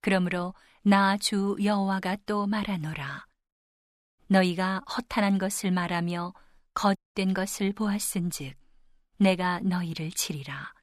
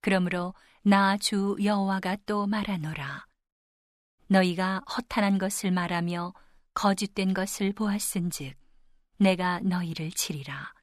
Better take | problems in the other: second | audio cutting out; at 7 s

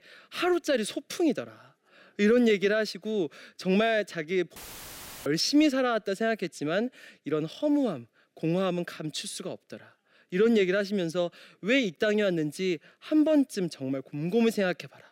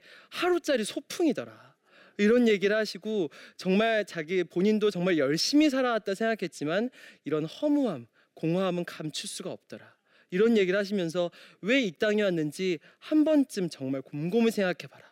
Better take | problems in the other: second | audio cutting out; filled with static; at 4.5 s for 0.5 s

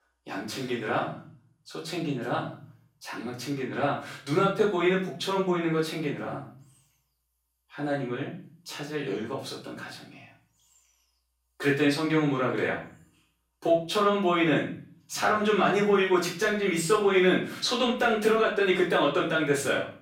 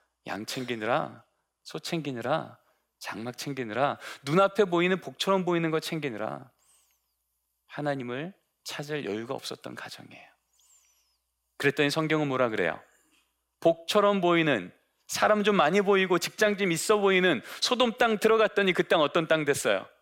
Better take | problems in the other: second | room echo; slight; dies away in 0.5 s // off-mic speech; far

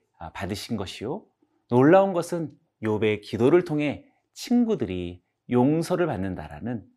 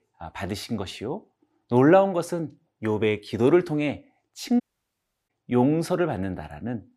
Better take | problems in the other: first | audio cutting out; at 4.5 s for 0.5 s

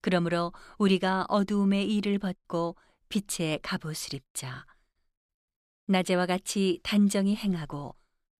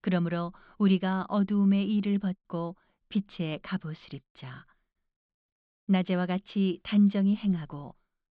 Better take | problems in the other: first | muffled; very; fading above 3.5 kHz

